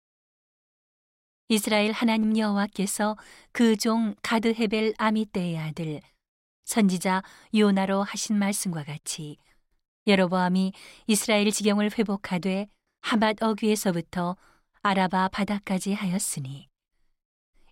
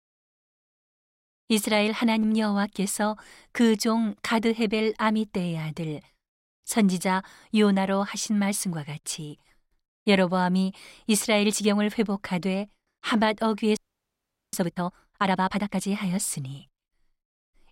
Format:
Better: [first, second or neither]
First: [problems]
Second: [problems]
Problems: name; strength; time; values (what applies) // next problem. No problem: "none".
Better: first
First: none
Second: audio freezing; at 14 s for 1 s